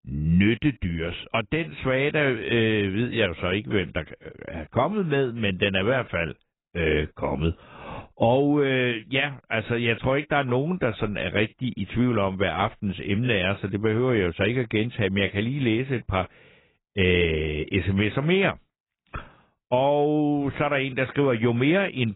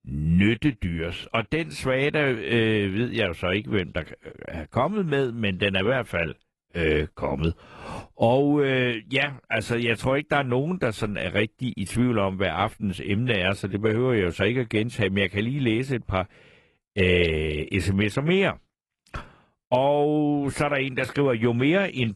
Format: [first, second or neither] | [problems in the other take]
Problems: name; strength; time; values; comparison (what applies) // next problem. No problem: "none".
second | garbled, watery; badly; nothing above 3.5 kHz; slightly in the second